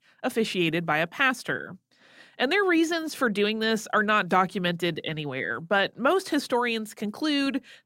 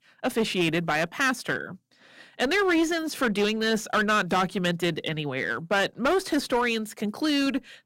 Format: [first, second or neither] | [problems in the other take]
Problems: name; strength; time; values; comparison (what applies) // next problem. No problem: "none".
first | distortion; slight; 10% of the sound clipped